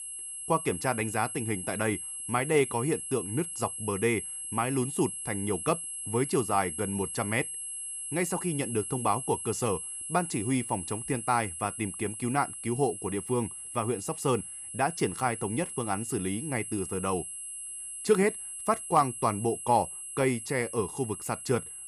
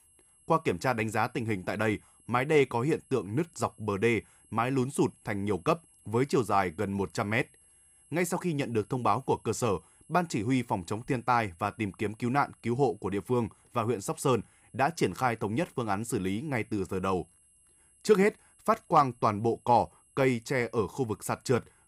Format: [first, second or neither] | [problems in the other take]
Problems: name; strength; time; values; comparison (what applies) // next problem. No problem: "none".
second | high-pitched whine; loud; throughout; 11 kHz, 6 dB below the speech; faint in the second